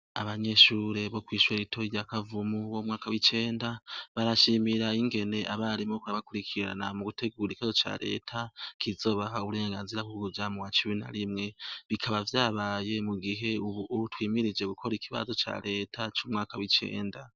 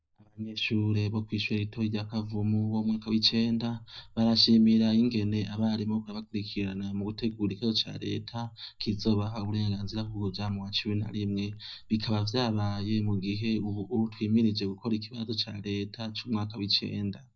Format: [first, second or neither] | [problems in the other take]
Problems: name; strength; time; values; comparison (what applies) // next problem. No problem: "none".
first | noise reduction (neural mask model DeepFilterNet 3)